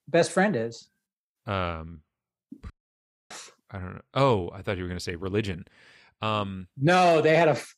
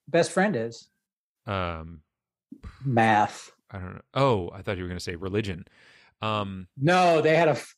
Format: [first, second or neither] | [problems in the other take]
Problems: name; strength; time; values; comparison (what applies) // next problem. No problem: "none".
second | audio cutting out; at 2.5 s for 0.5 s